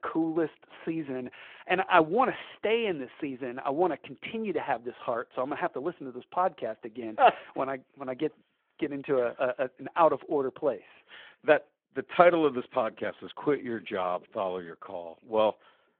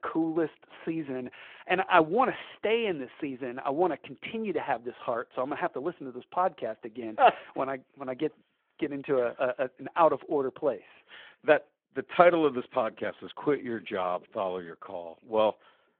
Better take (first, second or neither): neither